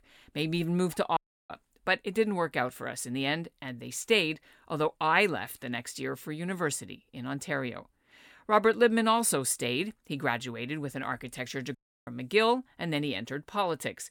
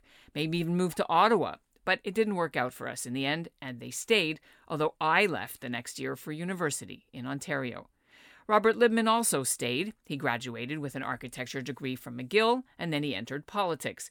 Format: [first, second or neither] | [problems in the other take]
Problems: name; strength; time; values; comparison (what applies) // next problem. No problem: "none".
second | audio cutting out; at 1 s and at 12 s